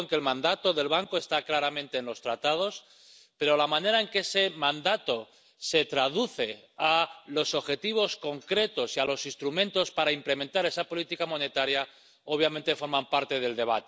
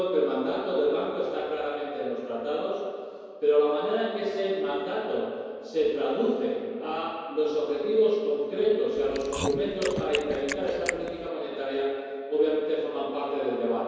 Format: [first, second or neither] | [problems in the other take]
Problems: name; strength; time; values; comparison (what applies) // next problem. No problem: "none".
first | background sound (Chewing, mastication); 8 dB below the speech // room echo; dies away in 2.2 s